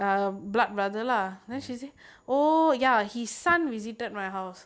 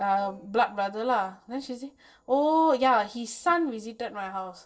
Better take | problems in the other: first | noise reduction (neural separator model SepFormer DNS4)

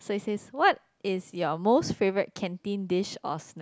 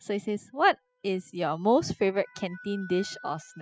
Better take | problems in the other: first | noise reduction (classical method spectral subtraction)

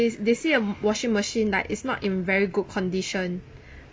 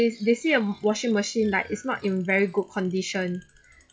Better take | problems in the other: first | noise reduction (classical method log-MMSE)

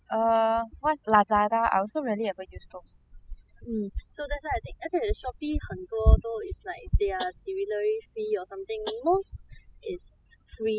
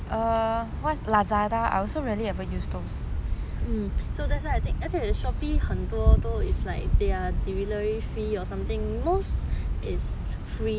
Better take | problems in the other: second | noise reduction (classical method spectral subtraction)

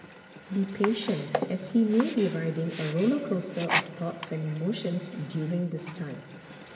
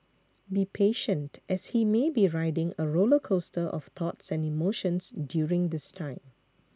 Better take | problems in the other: second | background sound (Sink (filling or washing)); 8 dB below the speech // room echo; dies away in 1.7 s

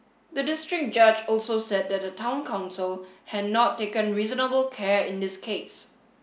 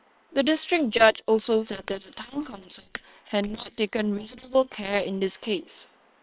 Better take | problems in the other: first | noise reduction (neural separator model SepFormer WHAM!)

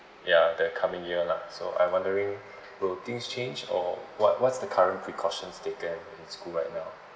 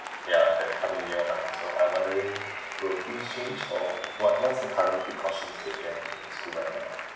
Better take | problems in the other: first | background sound (Applause); 8 dB below the speech // room echo; dies away in 0.7 s

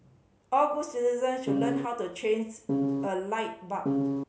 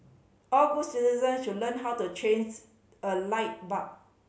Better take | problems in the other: second | background sound (Piano); 4 dB above the speech

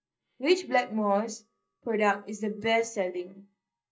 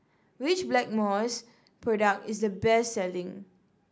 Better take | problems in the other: second | noise reduction (neural mask model DeepFilterNet 3)

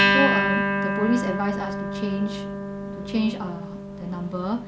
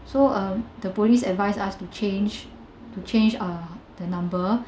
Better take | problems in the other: second | background sound (Acoustic guitar); 2 dB above the speech

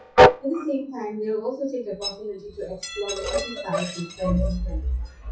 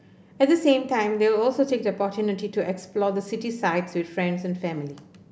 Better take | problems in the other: second | noise reduction (classical method WPE with log-MMSE)

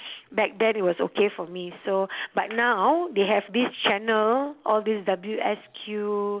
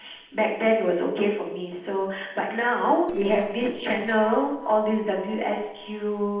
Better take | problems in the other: first | noise reduction (neural separator model SepFormer DNS4)

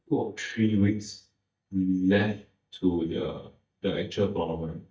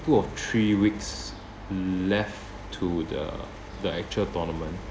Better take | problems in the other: second | noise reduction (neural mask model DeepFilterNet 3)

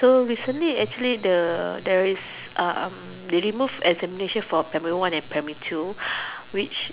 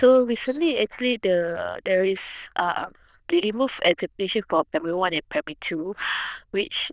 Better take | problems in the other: first | noise reduction (neural diffusion model UNIVERSE++)

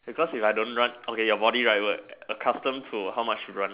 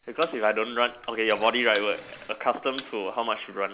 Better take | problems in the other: first | background sound (Thump, thud + Water tap, faucet / Water); 18 dB below the speech

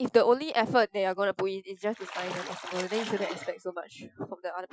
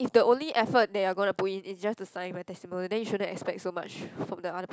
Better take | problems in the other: second | noise reduction (classical method Wiener filter)

